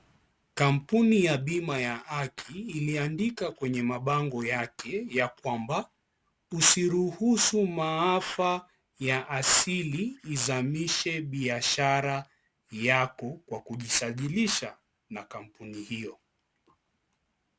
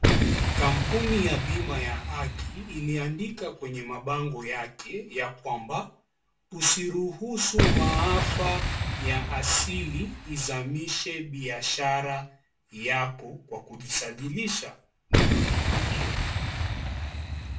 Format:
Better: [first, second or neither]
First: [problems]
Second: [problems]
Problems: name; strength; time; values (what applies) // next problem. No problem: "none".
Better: first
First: none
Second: background sound (Boom); 2 dB above the speech // room echo; dies away in 0.3 s